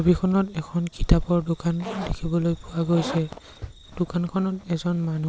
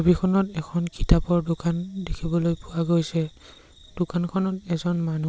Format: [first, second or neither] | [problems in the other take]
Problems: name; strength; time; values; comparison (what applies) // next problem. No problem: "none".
second | background sound (Zipper (clothing)); 16 dB below the speech